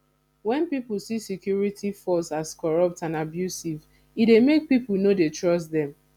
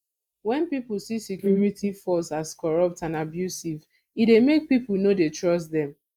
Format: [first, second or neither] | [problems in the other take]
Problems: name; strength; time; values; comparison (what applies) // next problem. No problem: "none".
first | noise reduction (neural mask model Resemble Enhance denoiser)